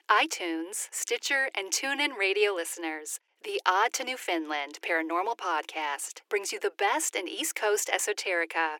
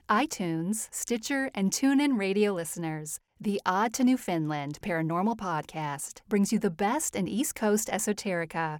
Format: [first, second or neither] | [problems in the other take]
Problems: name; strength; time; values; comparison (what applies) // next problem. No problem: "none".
second | thin; very; fading below 300 Hz